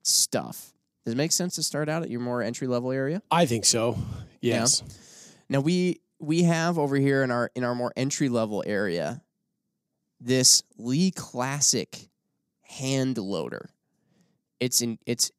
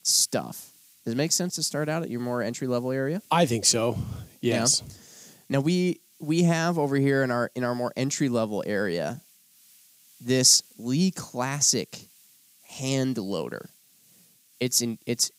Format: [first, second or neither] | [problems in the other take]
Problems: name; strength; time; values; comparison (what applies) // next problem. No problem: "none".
first | hiss; faint; throughout; 30 dB below the speech